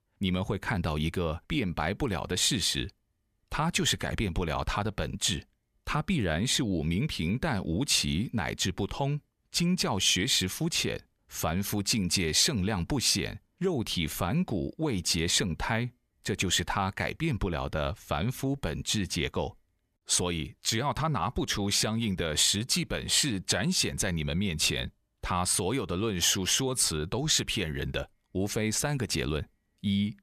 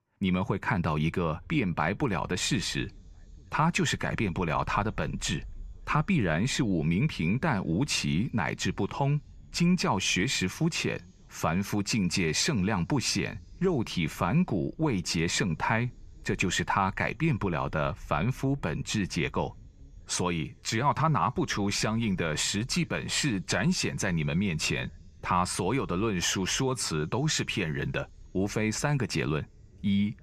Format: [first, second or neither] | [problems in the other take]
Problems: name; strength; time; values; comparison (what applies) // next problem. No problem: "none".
first | room echo; noticeable; dies away in 3 s